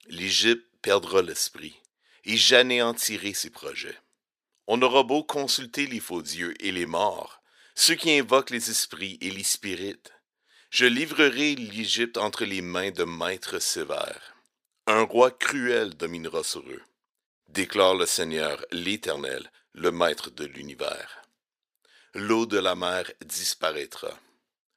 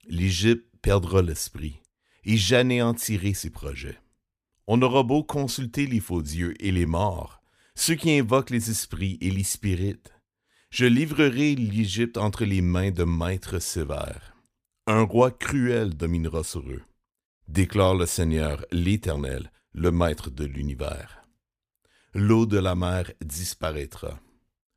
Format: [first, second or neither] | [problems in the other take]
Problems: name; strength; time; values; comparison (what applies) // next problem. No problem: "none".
second | thin; somewhat; fading below 450 Hz